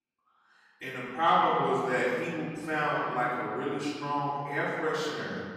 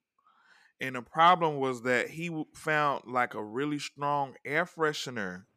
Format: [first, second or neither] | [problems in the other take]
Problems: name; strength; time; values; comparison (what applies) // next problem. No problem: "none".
second | off-mic speech; far // room echo; strong; dies away in 2 s